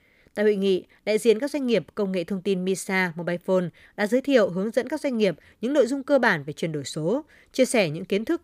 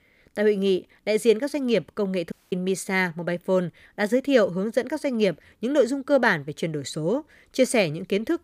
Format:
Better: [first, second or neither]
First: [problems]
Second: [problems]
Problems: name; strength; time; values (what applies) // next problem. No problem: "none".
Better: first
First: none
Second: audio cutting out; at 2.5 s